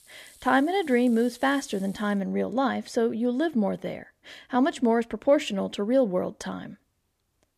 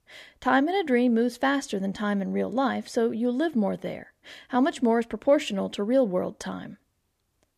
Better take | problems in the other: second | household noises; faint; throughout; 25 dB below the speech

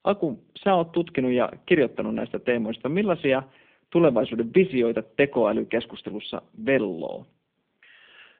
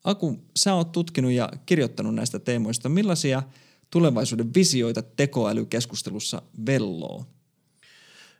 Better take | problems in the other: second | phone-call audio; nothing above 3.5 kHz

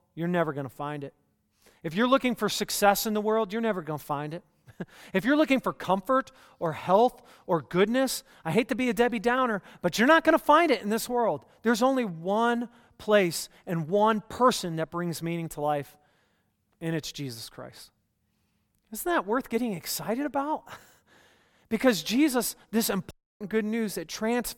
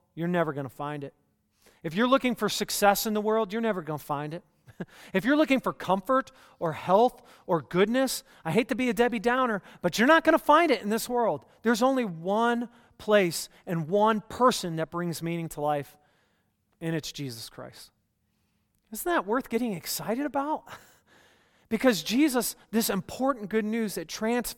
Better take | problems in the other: second | audio cutting out; at 23 s

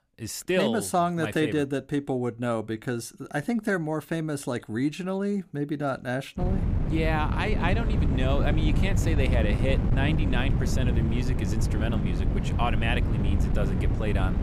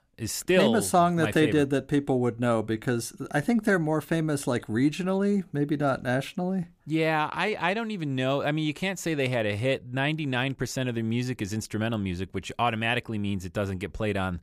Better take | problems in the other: second | wind noise on the microphone; heavy; from 6.5 s on; 6 dB below the speech

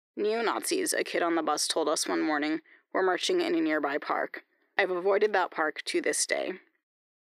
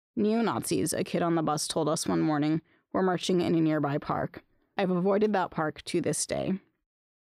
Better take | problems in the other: second | thin; somewhat; fading below 350 Hz

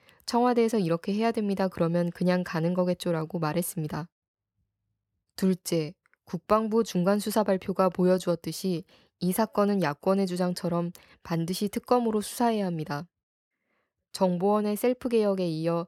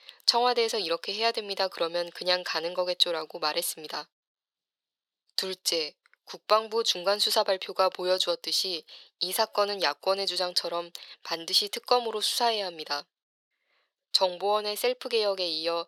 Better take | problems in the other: first | thin; very; fading below 450 Hz

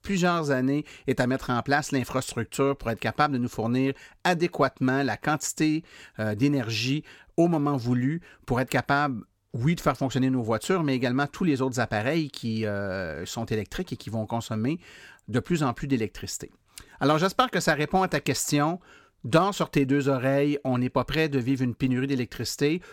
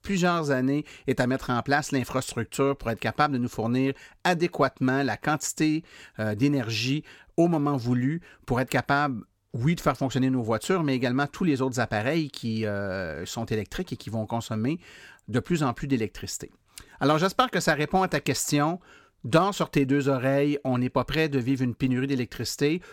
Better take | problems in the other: neither | none

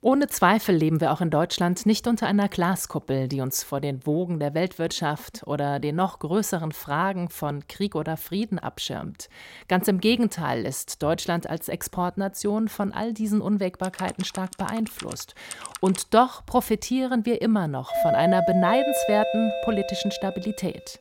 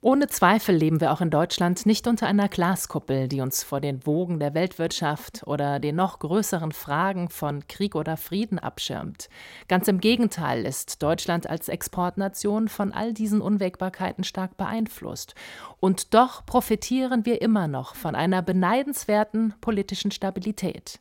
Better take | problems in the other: second | keyboard typing; faint; from 14 to 16 s; peak 10 dB below the speech // doorbell; loud; from 18 s on; peak 4 dB above the speech

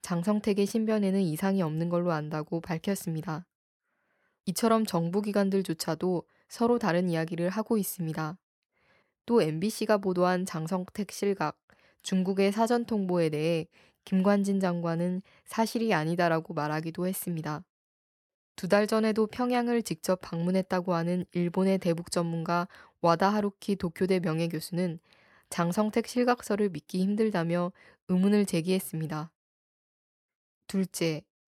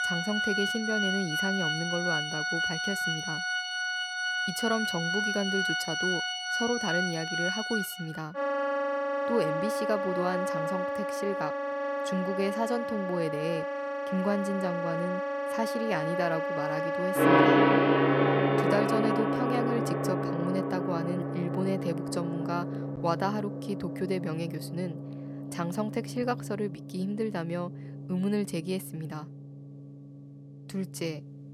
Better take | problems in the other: first | background music; very loud; throughout; 3 dB above the speech

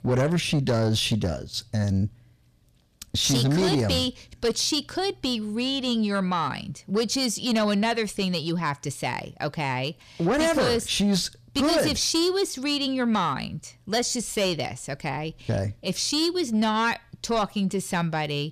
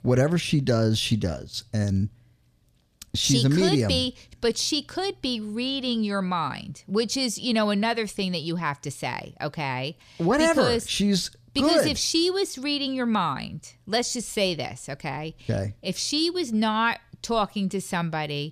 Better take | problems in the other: second | distortion; slight; 10 dB below the speech

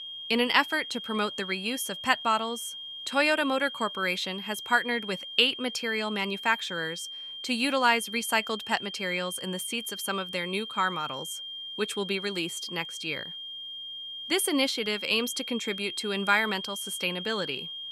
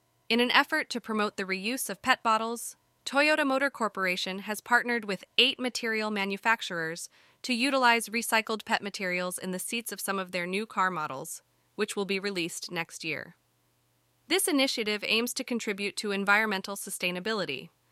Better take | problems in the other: second | high-pitched whine; loud; throughout; 3 kHz, 8 dB below the speech

